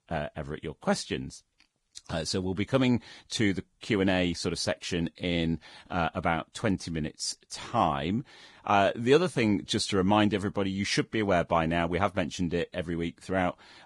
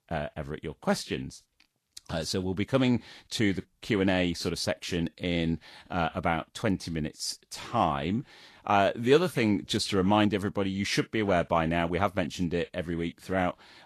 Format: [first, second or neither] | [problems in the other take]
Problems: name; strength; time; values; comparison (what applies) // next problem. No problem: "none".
second | garbled, watery; badly; nothing above 10 kHz; slightly in the second